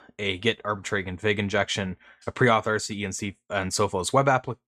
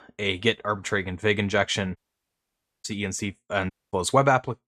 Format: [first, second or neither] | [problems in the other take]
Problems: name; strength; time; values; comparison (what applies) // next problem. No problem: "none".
first | audio cutting out; at 2 s for 1 s and at 3.5 s